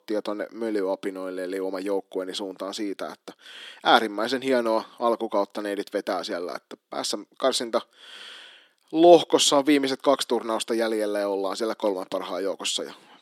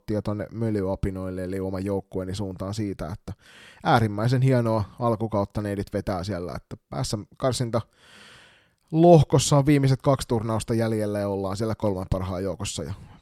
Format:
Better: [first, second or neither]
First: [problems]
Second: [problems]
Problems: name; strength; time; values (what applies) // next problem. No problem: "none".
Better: second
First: thin; somewhat; fading below 250 Hz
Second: none